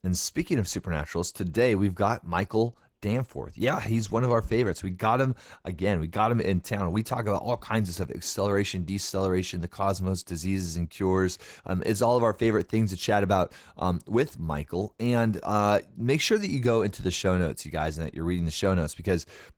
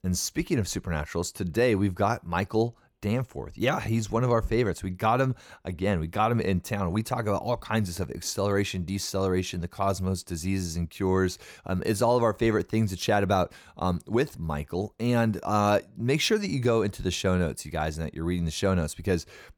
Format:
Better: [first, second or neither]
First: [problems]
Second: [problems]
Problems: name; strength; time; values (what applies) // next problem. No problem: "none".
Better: second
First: garbled, watery; slightly; nothing above 19 kHz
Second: none